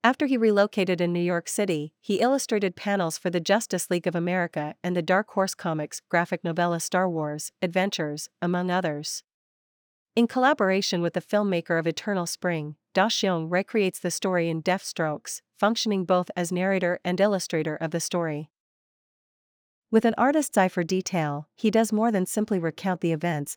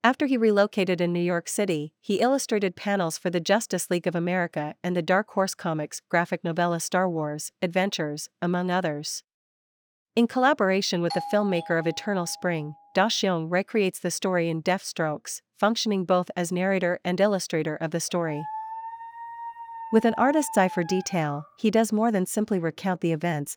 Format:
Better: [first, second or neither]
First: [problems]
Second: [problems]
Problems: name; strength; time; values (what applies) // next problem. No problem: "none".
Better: first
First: none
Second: doorbell; noticeable; from 11 to 12 s; peak 8 dB below the speech // dog barking; noticeable; from 18 to 21 s; peak 9 dB below the speech